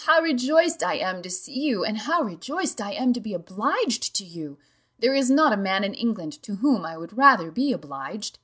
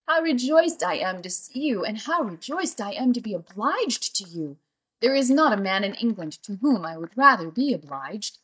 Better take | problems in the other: first | noise reduction (neural mask model DeepFilterNet 3)

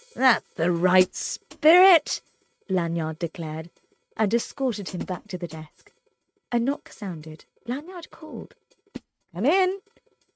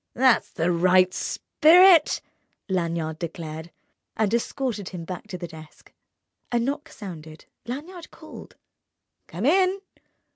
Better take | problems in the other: second | noise reduction (neural mask model RNNoise)

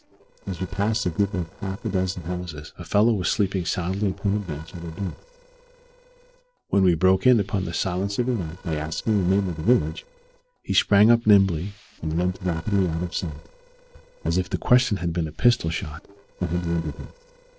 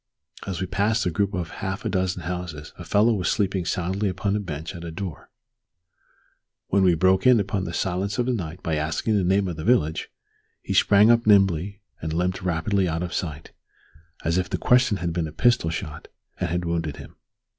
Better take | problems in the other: second | noise reduction (neural separator model SepFormer DNS4)

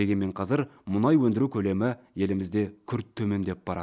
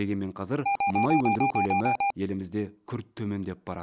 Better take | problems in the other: first | background sound (Alarm); 4 dB above the speech

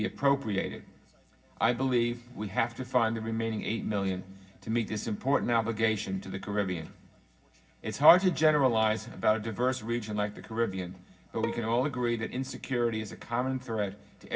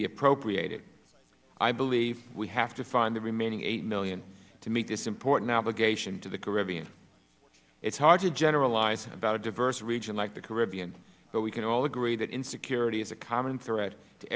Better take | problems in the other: second | background sound (Bowed string instrument); 11 dB below the speech // room echo; dies away in 0.4 s

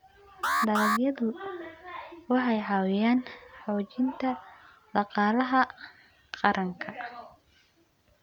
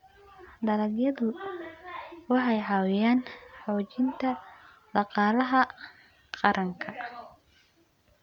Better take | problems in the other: second | background sound (Alarm); 2 dB below the speech

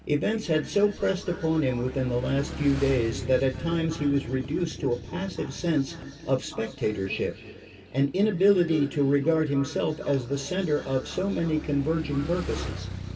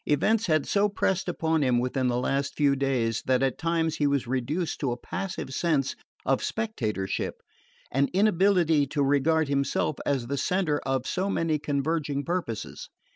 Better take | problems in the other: second | background sound (Motorcycle / Engine); 13 dB below the speech // room echo; dies away in 2.9 s

